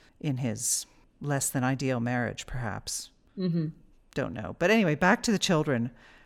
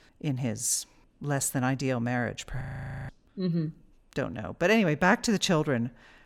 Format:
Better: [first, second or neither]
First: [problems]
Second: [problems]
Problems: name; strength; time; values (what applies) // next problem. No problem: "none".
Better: first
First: none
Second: audio freezing; at 2.5 s